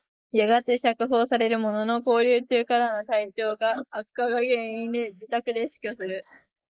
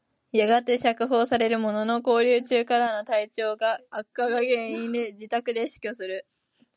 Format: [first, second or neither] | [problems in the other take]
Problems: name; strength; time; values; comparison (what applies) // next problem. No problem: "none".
second | noise reduction (neural mask model Resemble Enhance denoiser)